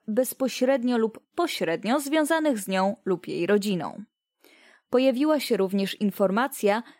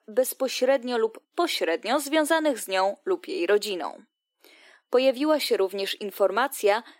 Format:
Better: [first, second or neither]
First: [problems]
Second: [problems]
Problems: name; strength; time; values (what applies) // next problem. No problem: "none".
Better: first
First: none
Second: thin; somewhat; fading below 300 Hz